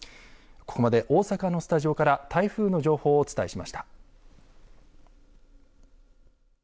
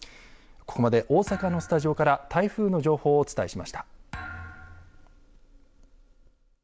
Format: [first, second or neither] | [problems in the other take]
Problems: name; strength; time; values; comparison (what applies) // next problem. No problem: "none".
first | background sound (Thump, thud); 16 dB below the speech